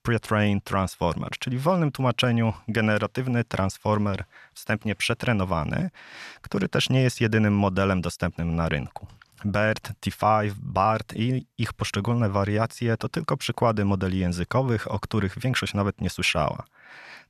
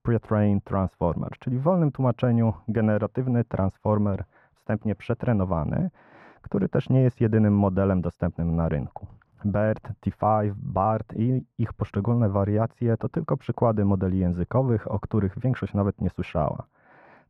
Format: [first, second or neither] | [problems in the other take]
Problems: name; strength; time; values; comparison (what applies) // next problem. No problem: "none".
first | muffled; very; fading above 2 kHz